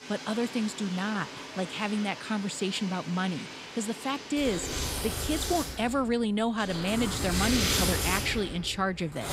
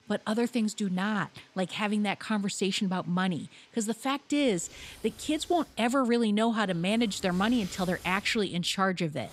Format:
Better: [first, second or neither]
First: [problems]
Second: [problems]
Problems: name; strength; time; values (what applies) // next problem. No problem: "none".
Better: second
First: household noises; loud; throughout; 3 dB below the speech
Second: household noises; faint; throughout; 25 dB below the speech